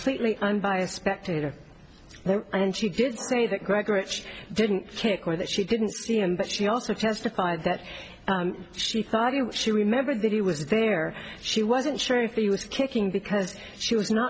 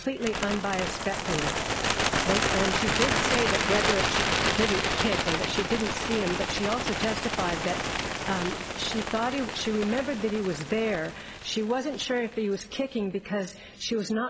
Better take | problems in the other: first | background sound (Bird); as loud as the speech

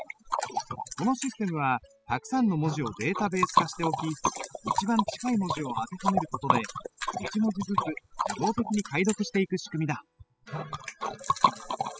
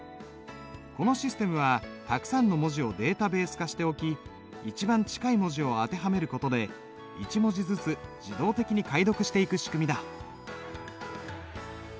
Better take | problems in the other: second | noise reduction (classical method spectral subtraction)

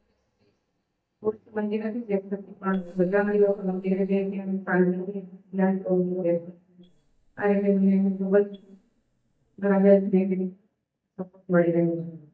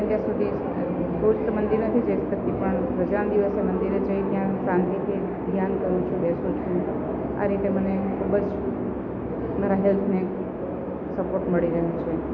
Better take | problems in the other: second | noise reduction (neural mask model DeepFilterNet 3)

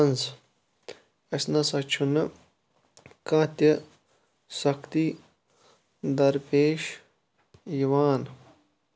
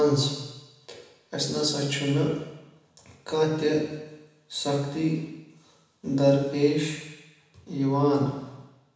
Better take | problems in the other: first | room echo; dies away in 1.1 s

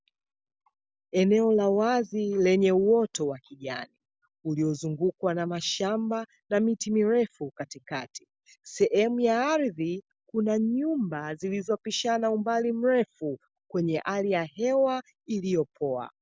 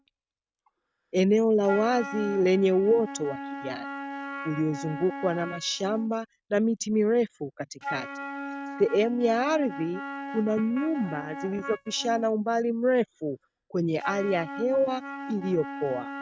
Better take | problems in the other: first | noise reduction (neural mask model RNNoise)

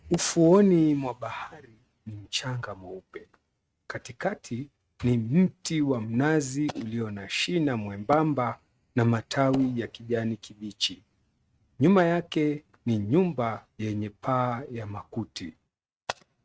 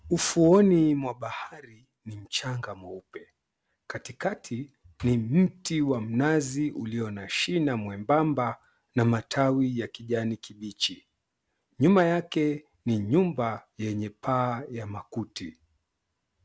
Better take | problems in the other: second | noise reduction (neural mask model RNNoise)

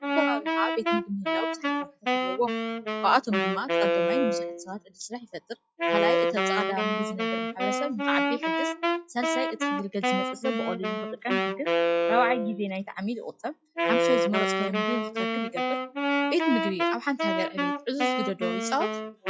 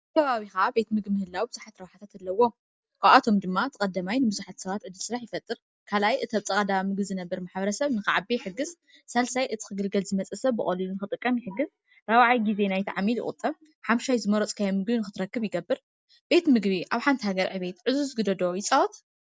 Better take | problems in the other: second | noise reduction (classical method log-MMSE)

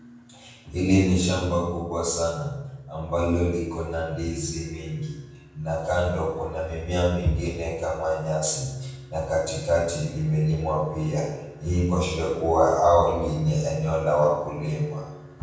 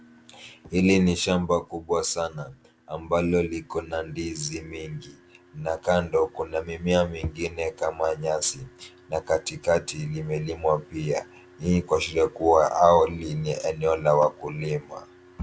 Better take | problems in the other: second | room echo; dies away in 1.2 s

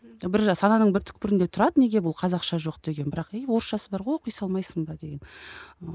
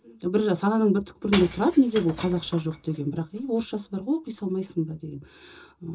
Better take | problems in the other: first | background sound (Shatter / Crushing); 14 dB below the speech // room echo; dies away in 0.2 s

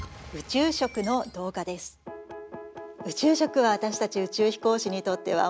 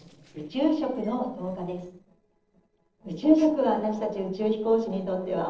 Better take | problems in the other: first | noise reduction (neural separator model SepFormer DNS4)

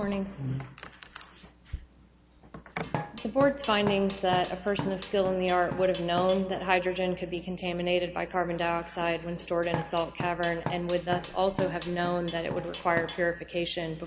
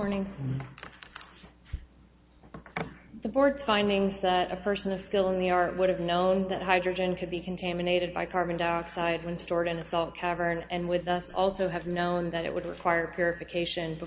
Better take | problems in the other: second | background sound (Drum kit); 9 dB below the speech

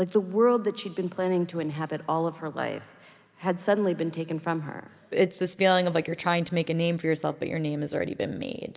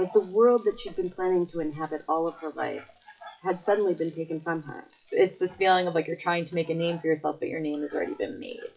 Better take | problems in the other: first | noise reduction (classical method WPE with log-MMSE)

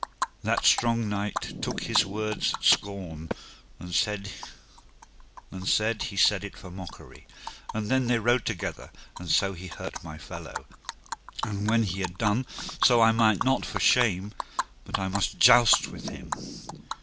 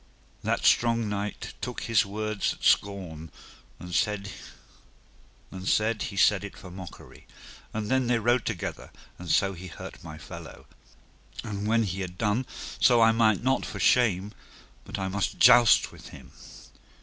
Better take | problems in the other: second | background sound (Animal); 10 dB below the speech

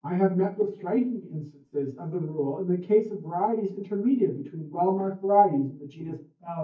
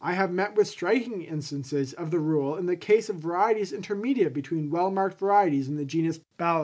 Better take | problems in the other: second | noise reduction (neural mask model DeepFilterNet 3)

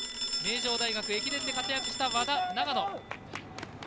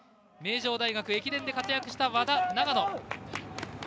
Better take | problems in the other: second | background sound (Telephone); 3 dB below the speech

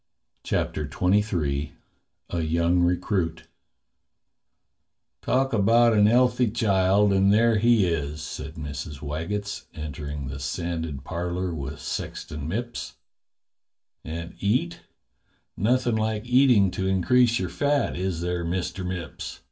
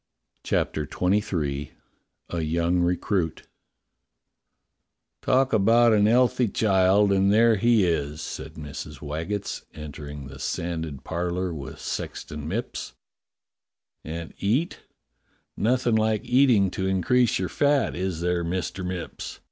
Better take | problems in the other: second | room echo; dies away in 0.2 s

